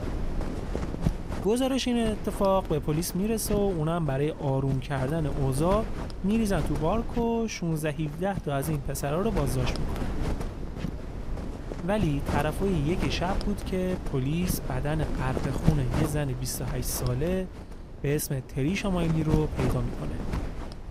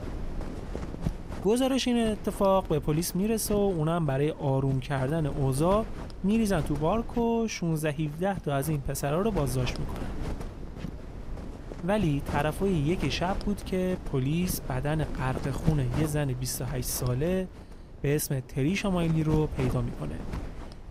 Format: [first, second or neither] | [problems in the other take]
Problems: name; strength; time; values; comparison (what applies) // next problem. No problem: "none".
second | wind noise on the microphone; heavy; 9 dB below the speech; occasional gusts in the second